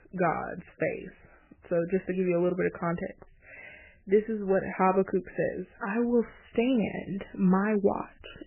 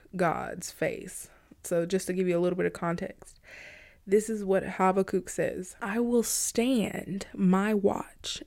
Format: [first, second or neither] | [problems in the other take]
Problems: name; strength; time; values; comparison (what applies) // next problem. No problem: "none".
second | garbled, watery; badly; nothing above 3 kHz